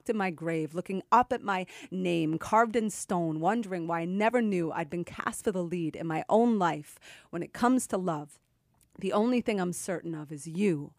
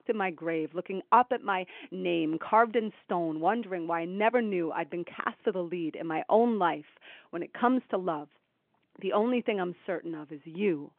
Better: first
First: none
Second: phone-call audio

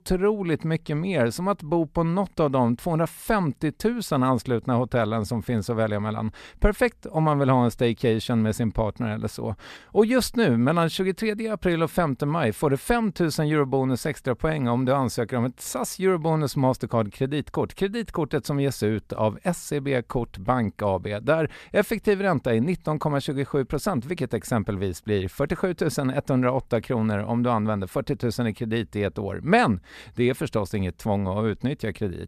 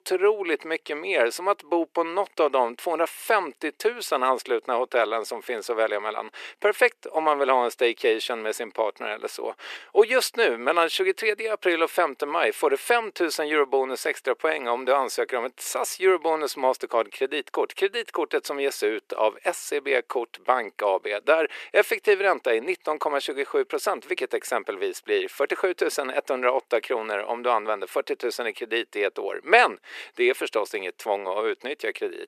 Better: first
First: none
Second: thin; very; fading below 350 Hz

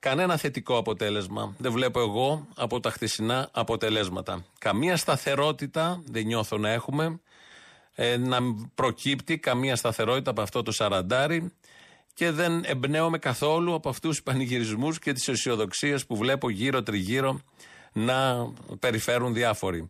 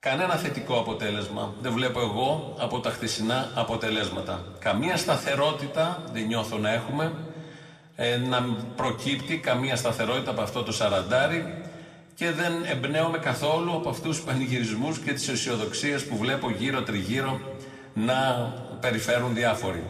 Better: first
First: none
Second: room echo; slight; dies away in 1.4 s

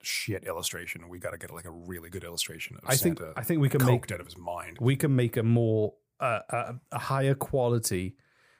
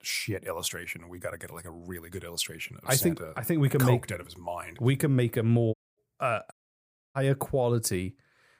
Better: first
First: none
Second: audio cutting out; at 5.5 s and at 6.5 s for 0.5 s

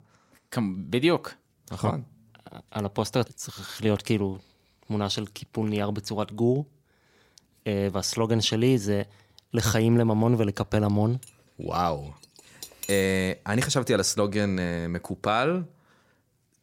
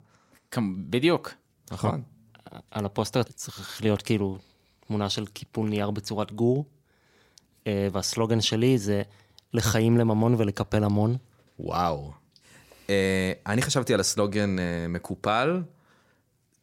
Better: second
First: clattering dishes; noticeable; from 11 to 13 s; peak 9 dB below the speech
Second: none

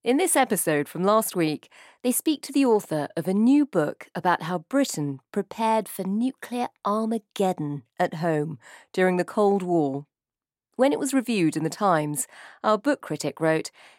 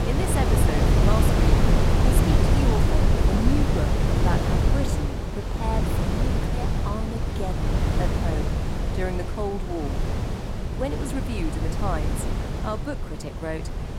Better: first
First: none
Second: wind noise on the microphone; heavy; 3 dB above the speech

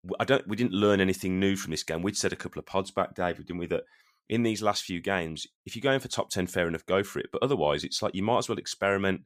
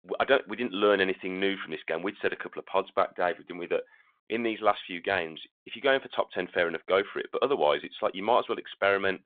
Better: first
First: none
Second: phone-call audio

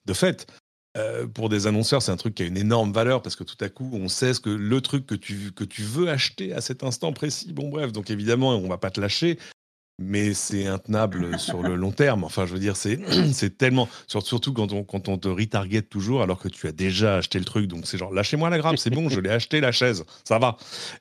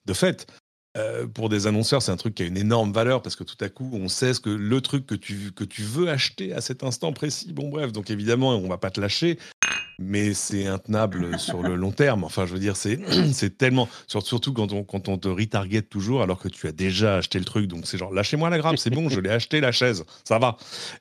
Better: first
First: none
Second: clattering dishes; loud; at 9.5 s; peak 1 dB above the speech

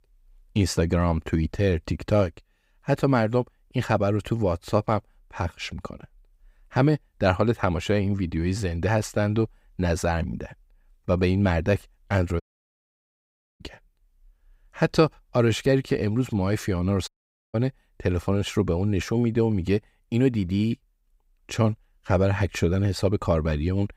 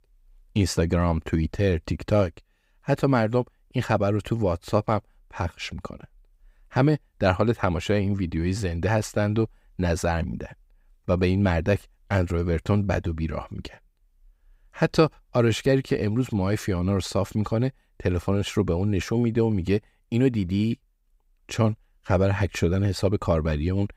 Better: second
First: audio cutting out; at 12 s for 1 s and at 17 s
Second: none

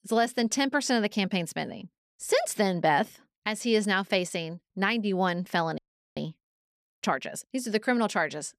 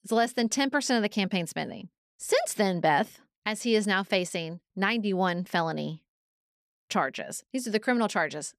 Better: second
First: audio freezing; at 6 s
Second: none

